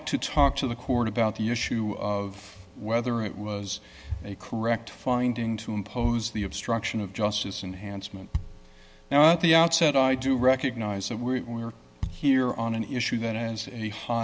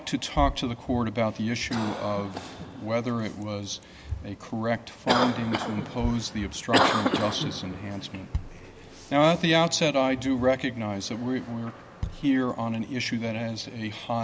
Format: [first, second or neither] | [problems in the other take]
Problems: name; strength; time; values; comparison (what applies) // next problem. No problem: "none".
first | background sound (Cough); 6 dB below the speech